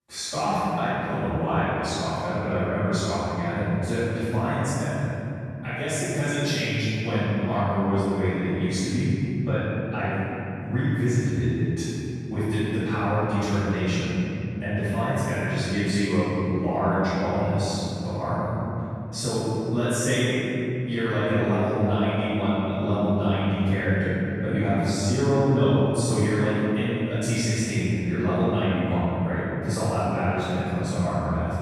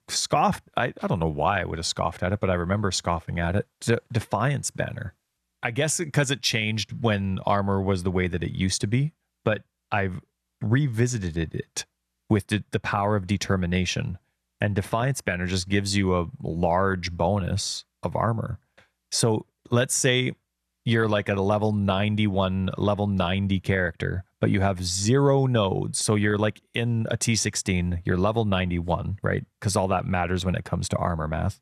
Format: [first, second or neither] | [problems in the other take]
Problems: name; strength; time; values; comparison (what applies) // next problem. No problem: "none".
second | off-mic speech; far // room echo; strong; dies away in 3 s